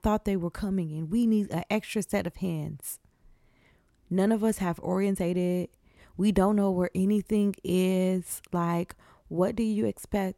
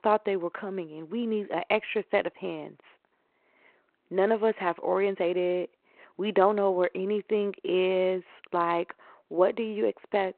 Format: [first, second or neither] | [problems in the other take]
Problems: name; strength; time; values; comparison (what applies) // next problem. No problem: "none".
first | phone-call audio